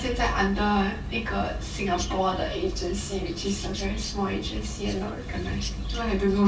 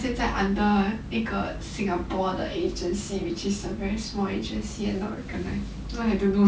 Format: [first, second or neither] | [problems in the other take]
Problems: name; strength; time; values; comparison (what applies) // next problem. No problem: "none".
second | background sound (Chirp, tweet); 18 dB below the speech // room echo; dies away in 1.6 s